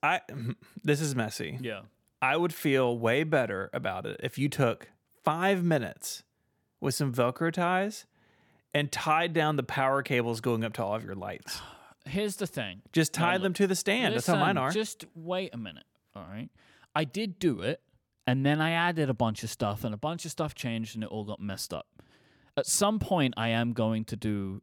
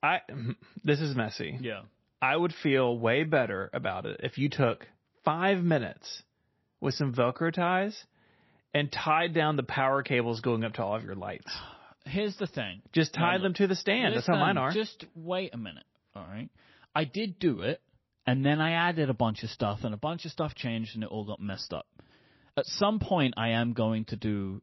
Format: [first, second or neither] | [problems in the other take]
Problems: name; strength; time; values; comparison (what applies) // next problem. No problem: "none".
first | garbled, watery; slightly; nothing above 5.5 kHz